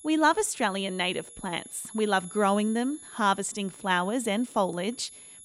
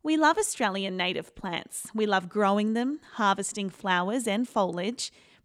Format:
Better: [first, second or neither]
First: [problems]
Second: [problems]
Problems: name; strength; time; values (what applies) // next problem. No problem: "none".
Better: second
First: high-pitched whine; noticeable; throughout; 11 kHz, 15 dB below the speech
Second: none